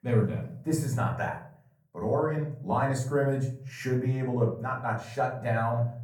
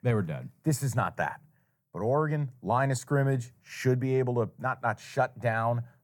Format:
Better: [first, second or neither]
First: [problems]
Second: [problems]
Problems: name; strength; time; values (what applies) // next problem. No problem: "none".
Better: second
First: off-mic speech; far // room echo; slight; dies away in 0.4 s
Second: none